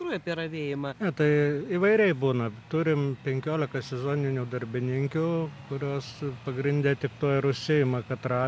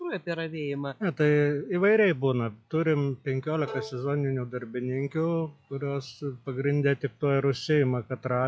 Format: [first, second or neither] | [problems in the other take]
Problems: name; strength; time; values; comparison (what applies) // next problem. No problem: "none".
first | noise reduction (classical method log-MMSE)